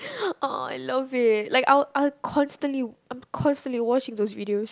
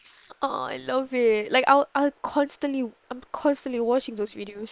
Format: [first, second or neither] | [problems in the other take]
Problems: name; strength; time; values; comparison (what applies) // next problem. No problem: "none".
first | noise reduction (neural separator model SepFormer WHAM!)